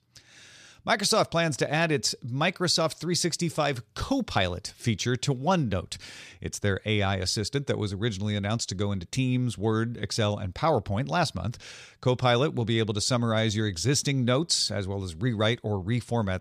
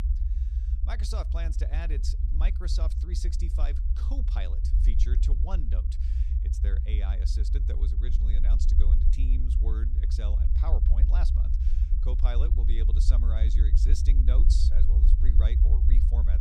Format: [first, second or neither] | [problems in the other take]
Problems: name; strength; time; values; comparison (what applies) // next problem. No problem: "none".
first | low rumble; loud; throughout; 3 dB below the speech